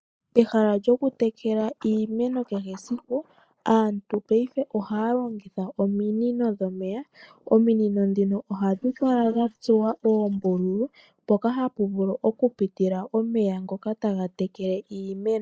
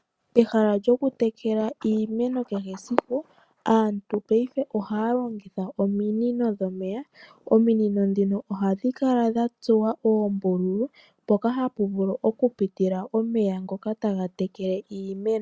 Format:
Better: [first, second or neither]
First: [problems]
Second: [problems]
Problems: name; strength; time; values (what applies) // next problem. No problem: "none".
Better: second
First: noise reduction (neural mask model Resemble Enhance denoiser)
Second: none